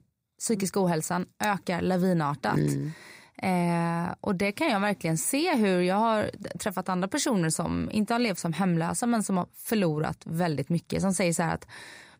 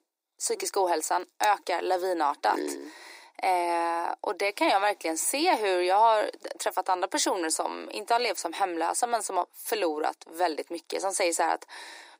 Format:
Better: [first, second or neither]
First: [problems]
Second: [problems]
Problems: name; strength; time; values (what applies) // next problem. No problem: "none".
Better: first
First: none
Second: thin; very; fading below 300 Hz